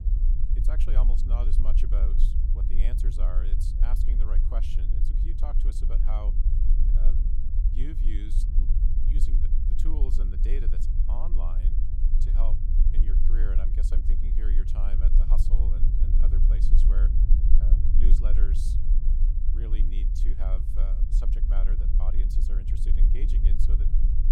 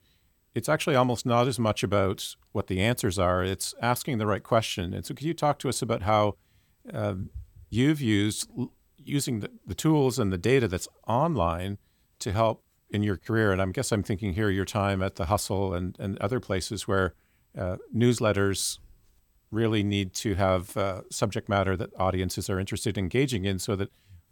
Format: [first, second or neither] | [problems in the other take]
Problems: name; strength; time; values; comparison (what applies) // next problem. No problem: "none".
second | low rumble; loud; throughout; 2 dB below the speech